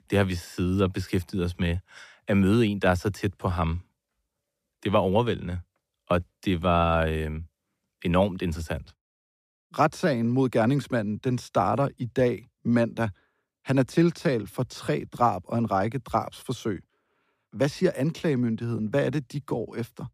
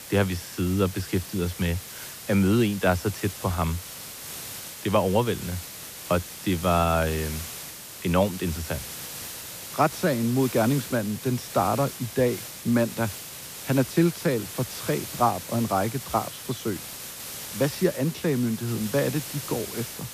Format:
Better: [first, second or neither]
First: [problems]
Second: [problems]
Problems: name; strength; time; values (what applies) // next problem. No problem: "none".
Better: first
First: none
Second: hiss; loud; throughout; 10 dB below the speech